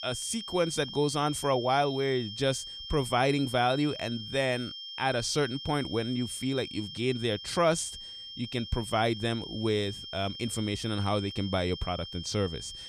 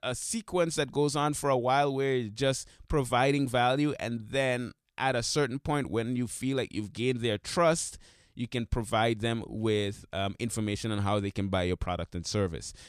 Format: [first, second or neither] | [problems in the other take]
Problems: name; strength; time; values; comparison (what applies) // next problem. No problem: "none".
second | high-pitched whine; loud; throughout; 3 kHz, 9 dB below the speech